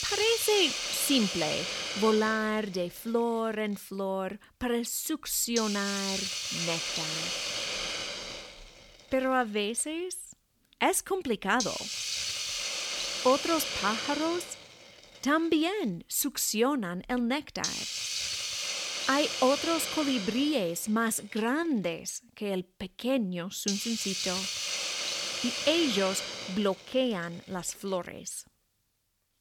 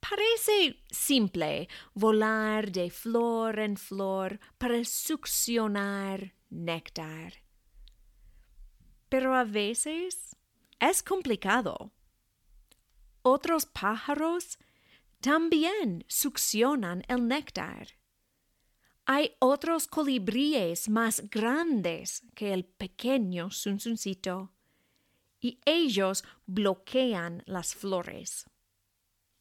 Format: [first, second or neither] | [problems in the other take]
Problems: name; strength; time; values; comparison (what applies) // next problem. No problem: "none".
second | hiss; loud; throughout; 2 dB below the speech